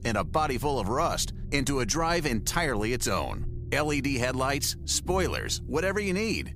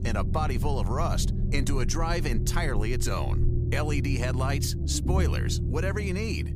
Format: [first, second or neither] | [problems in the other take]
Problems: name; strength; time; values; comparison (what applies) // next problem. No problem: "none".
first | low rumble; loud; throughout; 9 dB below the speech; faint in the first